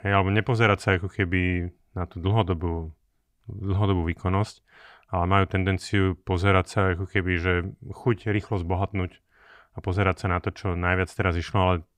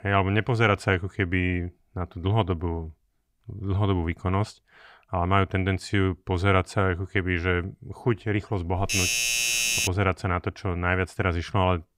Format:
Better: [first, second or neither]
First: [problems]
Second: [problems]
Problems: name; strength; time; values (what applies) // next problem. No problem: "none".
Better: first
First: none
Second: doorbell; loud; from 9 to 10 s; peak 5 dB above the speech